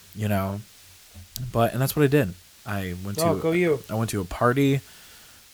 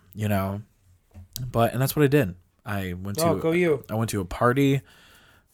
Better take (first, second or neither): second